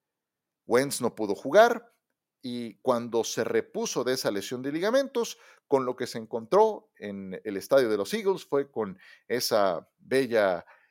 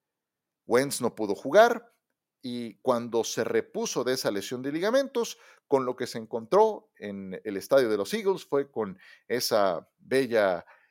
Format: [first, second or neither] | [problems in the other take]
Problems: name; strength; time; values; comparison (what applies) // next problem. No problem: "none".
neither | none